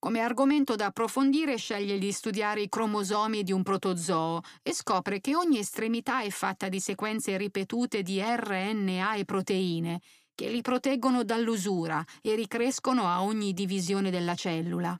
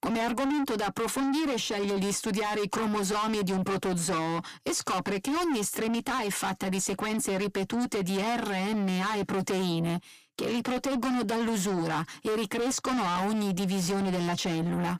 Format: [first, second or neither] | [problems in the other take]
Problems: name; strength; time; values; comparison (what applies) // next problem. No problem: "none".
first | distortion; heavy; 6 dB below the speech